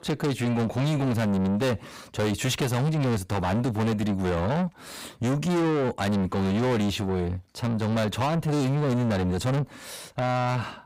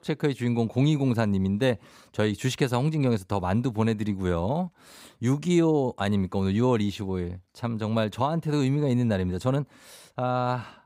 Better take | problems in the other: second | distortion; heavy; 6 dB below the speech

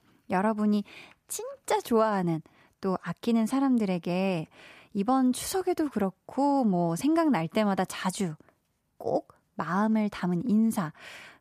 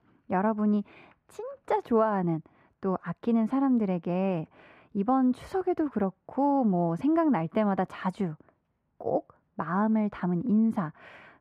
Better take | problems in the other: first | muffled; very; fading above 3.5 kHz

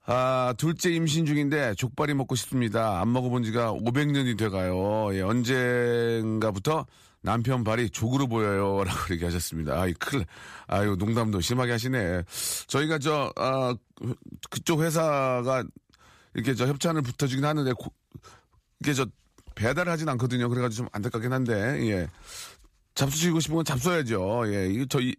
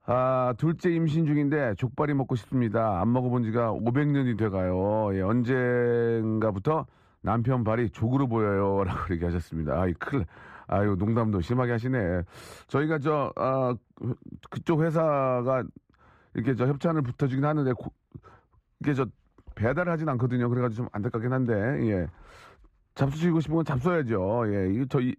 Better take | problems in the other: first | muffled; very; fading above 3 kHz

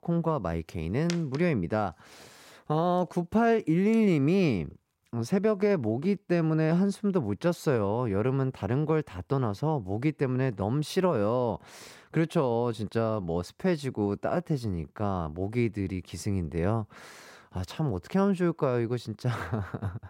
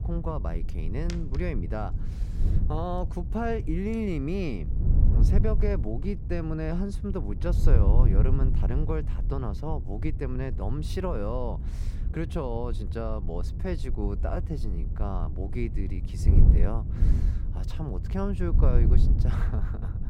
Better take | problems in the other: first | wind noise on the microphone; heavy; 8 dB below the speech

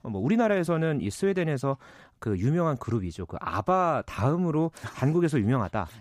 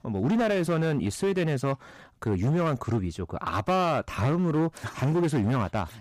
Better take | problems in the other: first | distortion; slight; 14% of the sound clipped

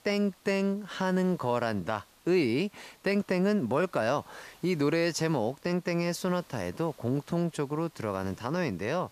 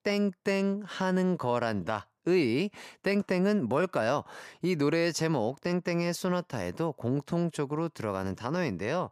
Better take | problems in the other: second | hiss; faint; throughout; 25 dB below the speech

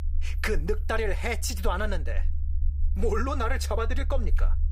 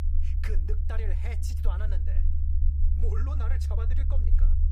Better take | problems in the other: first | low rumble; loud; throughout; 4 dB below the speech; faint in the first

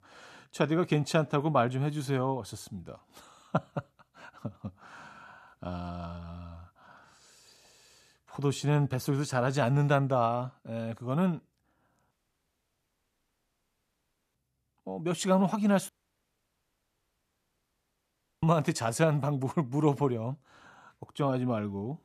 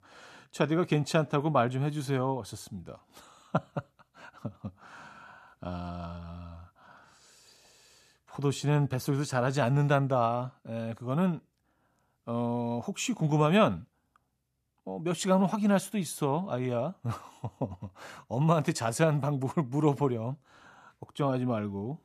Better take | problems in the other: second | audio cutting out; at 12 s for 2 s and at 16 s for 2.5 s

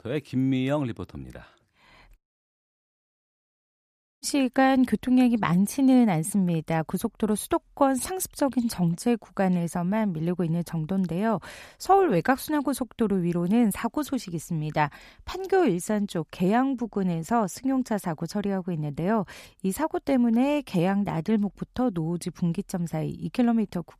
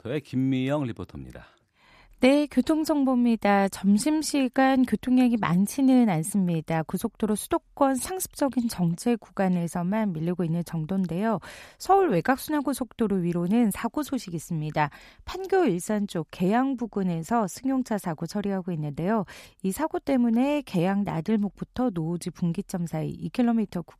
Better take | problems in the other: second | audio cutting out; at 2 s for 2 s

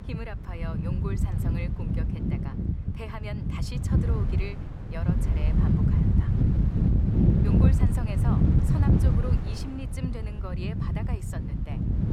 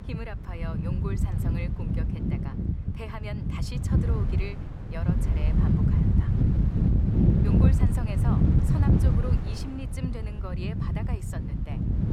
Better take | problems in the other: neither | wind noise on the microphone; heavy; 5 dB above the speech; the same in both

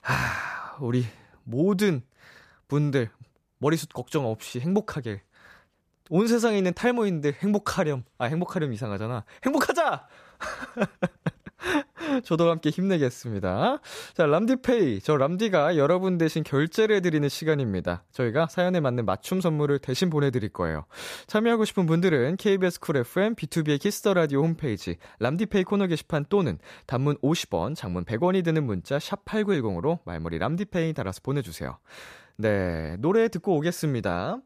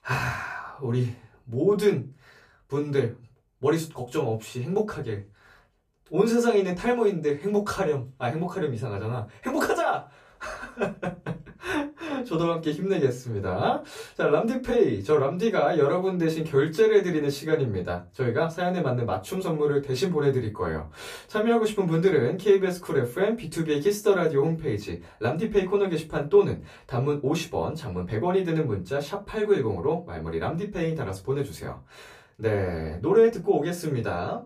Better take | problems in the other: first | off-mic speech; far // room echo; very slight; dies away in 0.2 s

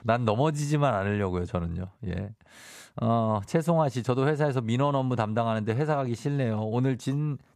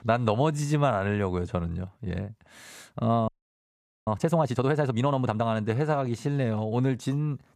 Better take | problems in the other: first | audio freezing; at 3.5 s for 1 s

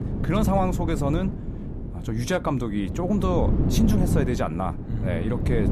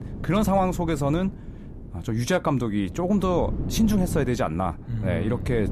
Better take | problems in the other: second | wind noise on the microphone; heavy; 8 dB below the speech; occasional gusts in the second

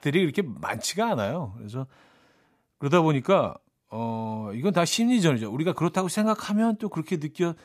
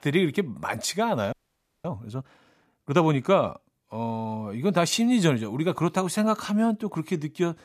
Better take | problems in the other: first | audio freezing; at 1.5 s for 0.5 s

